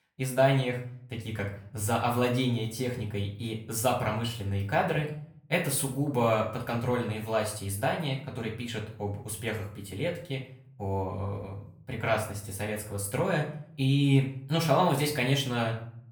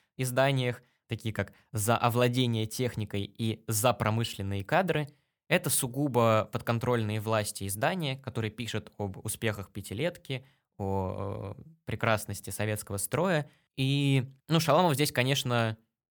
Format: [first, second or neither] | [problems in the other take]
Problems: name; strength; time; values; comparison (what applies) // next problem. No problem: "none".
second | off-mic speech; far // room echo; slight; dies away in 0.4 s